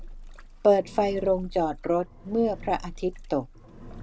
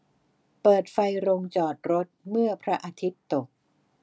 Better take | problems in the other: second | background sound (Engine); 15 dB below the speech

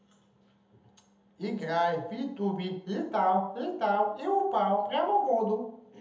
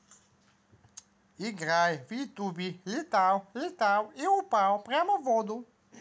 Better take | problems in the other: second | room echo; dies away in 0.7 s

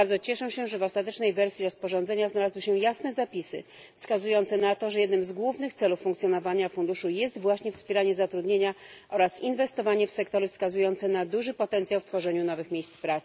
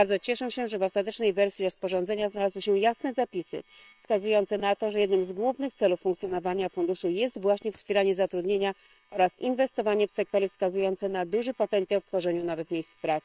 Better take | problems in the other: first | noise reduction (neural separator model SepFormer WHAM!)

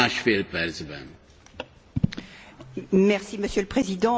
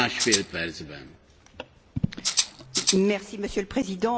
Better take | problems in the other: first | background sound (Rattle (instrument)); 2 dB above the speech

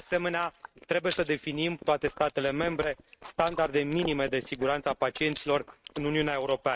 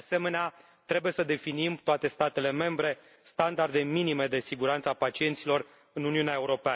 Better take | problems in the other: second | noise reduction (neural mask model RNNoise)

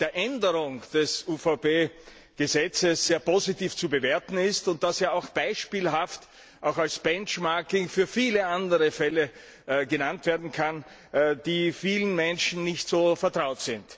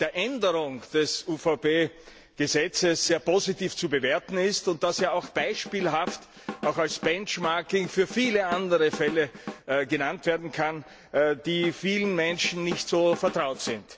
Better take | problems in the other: first | background sound (Drum / Drum kit); 13 dB below the speech

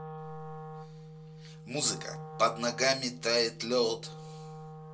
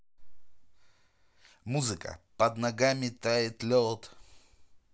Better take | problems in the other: second | background sound (Wind instrument, woodwind instrument); 11 dB below the speech // room echo; dies away in 0.2 s

